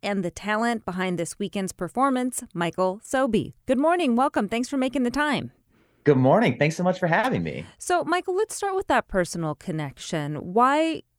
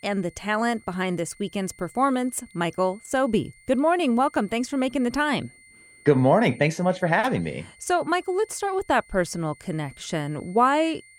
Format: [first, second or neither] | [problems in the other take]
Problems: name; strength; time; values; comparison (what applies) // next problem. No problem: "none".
first | high-pitched whine; faint; throughout; 2 kHz, 25 dB below the speech